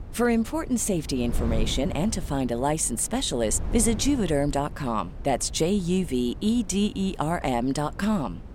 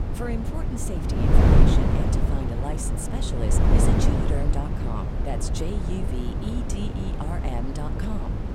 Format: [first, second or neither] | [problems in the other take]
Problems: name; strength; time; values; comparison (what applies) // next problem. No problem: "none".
first | wind noise on the microphone; heavy; 3 dB above the speech; occasional gusts in the first